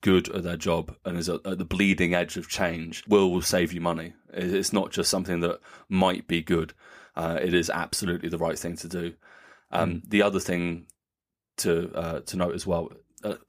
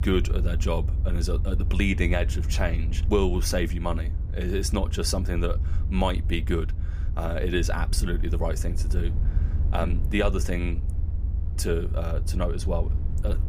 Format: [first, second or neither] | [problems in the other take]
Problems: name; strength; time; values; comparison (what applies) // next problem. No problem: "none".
first | low rumble; noticeable; throughout; 15 dB below the speech